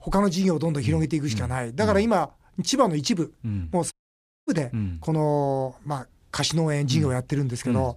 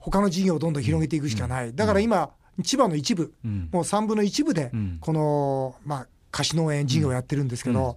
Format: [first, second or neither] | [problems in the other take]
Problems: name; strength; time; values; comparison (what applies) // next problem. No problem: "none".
second | audio cutting out; at 4 s for 0.5 s